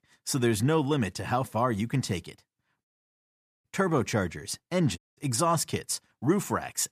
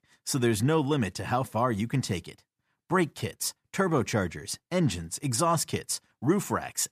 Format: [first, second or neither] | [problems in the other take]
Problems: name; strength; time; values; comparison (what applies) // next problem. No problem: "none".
second | audio cutting out; at 3 s for 1 s and at 5 s